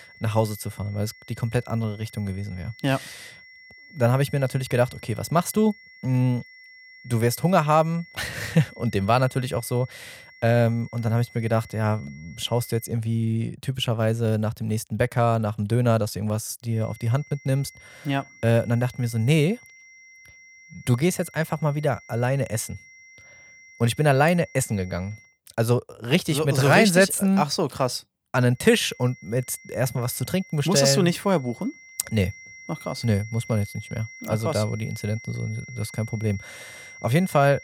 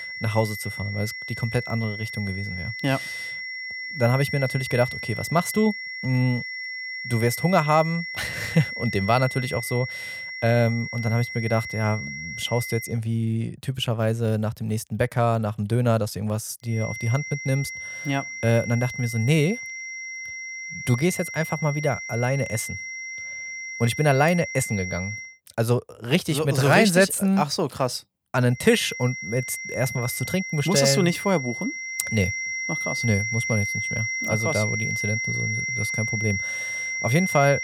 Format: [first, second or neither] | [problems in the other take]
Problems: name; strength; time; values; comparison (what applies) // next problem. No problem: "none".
first | high-pitched whine; loud; until 13 s, from 17 to 25 s and from 29 s on; 2 kHz, 5 dB below the speech; faint in the first